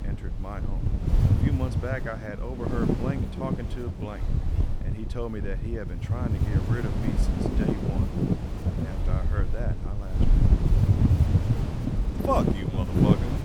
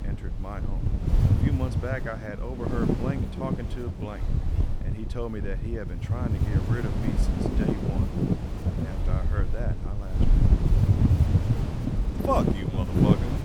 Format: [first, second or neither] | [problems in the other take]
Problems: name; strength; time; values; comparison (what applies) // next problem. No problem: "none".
neither | wind noise on the microphone; heavy; as loud as the speech; the same in both